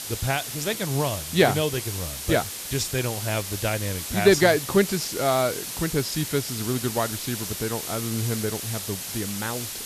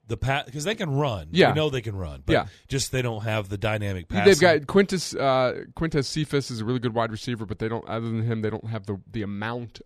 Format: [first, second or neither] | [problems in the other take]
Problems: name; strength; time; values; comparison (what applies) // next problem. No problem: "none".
second | hiss; loud; throughout; 5 dB below the speech